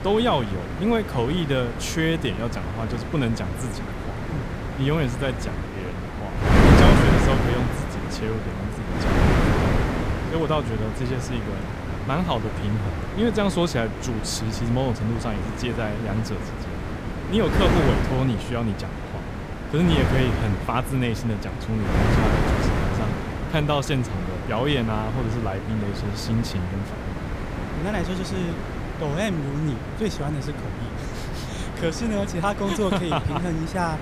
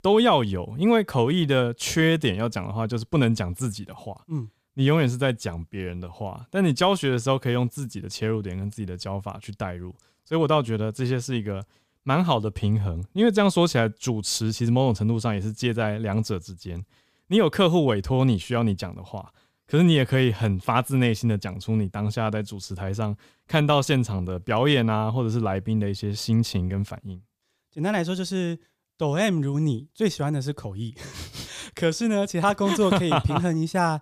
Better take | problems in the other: second | wind noise on the microphone; heavy; 1 dB below the speech

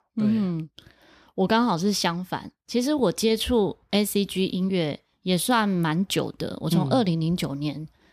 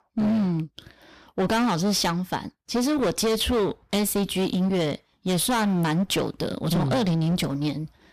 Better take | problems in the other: first | distortion; heavy; 19% of the sound clipped

